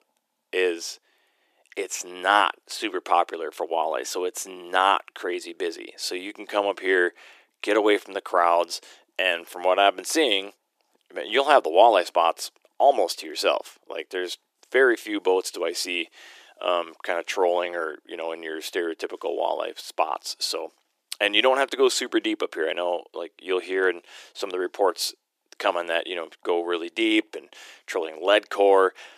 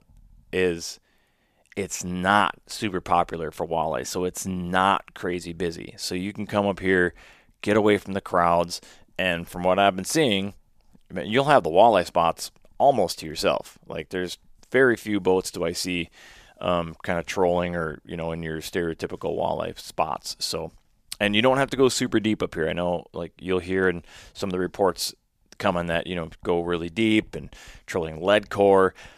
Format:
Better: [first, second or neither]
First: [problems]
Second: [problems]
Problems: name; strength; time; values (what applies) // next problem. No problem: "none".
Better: second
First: thin; somewhat; fading below 350 Hz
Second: none